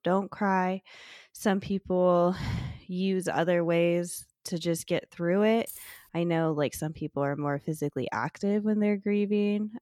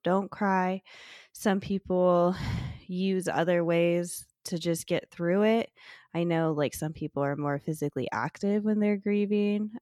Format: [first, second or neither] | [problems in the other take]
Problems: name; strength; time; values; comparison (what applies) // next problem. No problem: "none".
second | jangling keys; faint; at 5.5 s; peak 15 dB below the speech